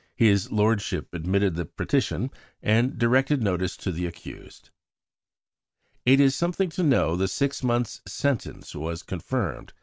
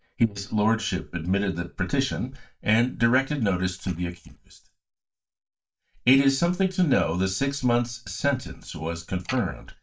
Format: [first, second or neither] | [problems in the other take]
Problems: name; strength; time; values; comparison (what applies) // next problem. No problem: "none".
first | noise reduction (neural mask model DeepFilterNet 3)